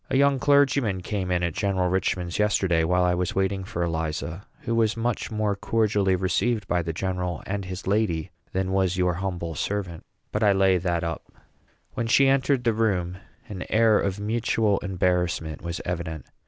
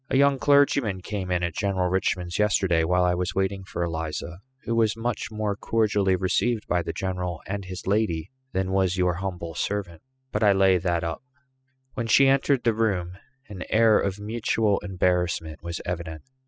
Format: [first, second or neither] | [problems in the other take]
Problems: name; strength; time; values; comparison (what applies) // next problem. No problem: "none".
first | noise reduction (classical method spectral subtraction)